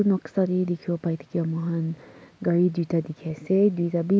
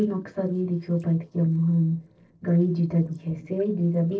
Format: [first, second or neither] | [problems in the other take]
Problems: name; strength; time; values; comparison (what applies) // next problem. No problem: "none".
first | noise reduction (neural separator model SepFormer DNS4)